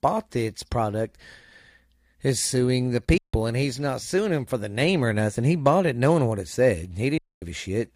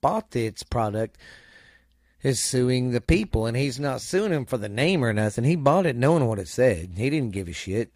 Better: second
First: audio cutting out; at 3 s and at 7 s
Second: none

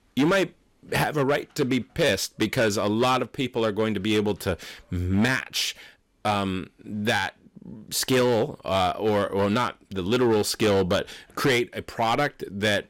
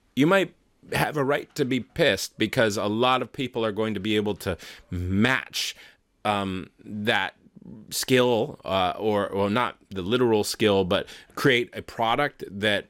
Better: second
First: distortion; slight; 7% of the sound clipped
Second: none

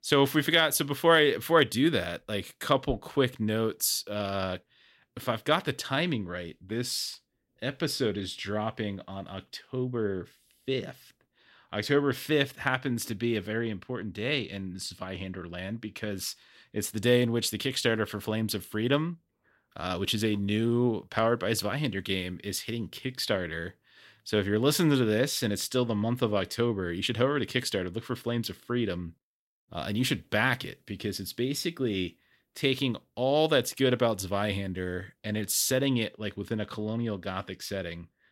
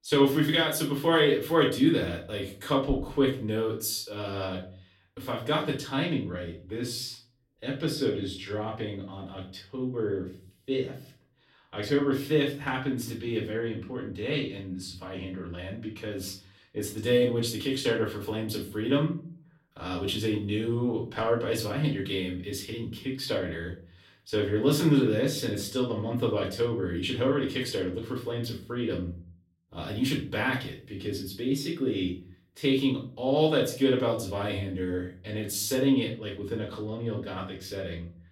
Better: first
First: none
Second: off-mic speech; far // room echo; slight; dies away in 0.4 s

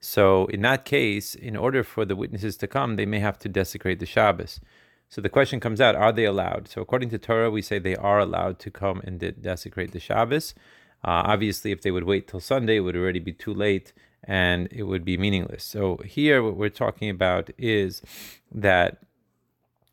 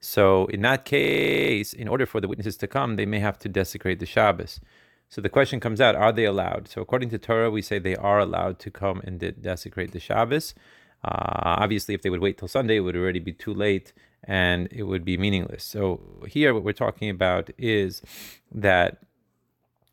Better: first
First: none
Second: audio freezing; at 1 s, at 11 s and at 16 s

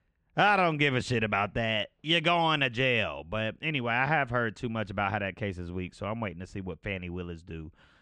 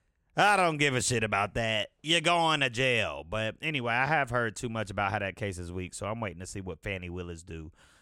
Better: second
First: muffled; slightly; fading above 3 kHz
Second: none

